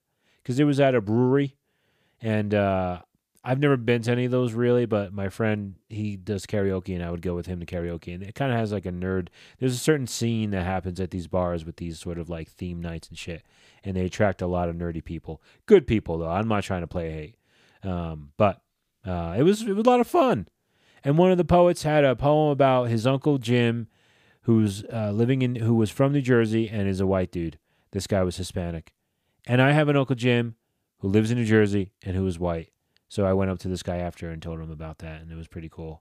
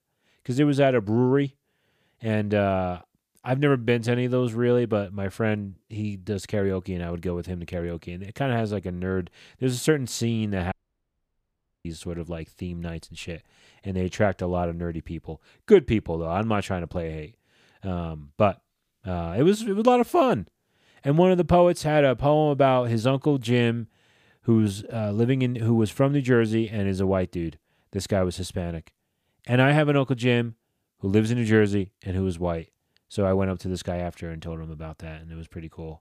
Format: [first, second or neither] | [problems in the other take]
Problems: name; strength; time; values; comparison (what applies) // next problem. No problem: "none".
first | audio cutting out; at 11 s for 1 s